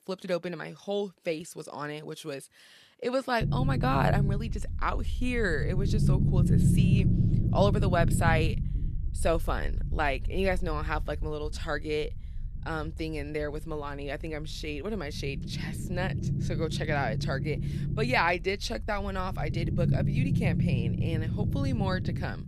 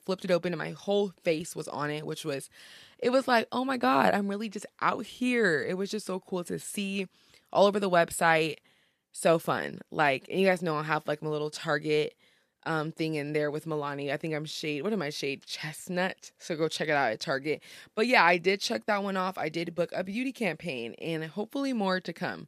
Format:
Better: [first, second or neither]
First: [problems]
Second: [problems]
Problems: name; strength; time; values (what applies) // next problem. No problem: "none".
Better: second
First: low rumble; loud; from 3.5 s on; 7 dB below the speech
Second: none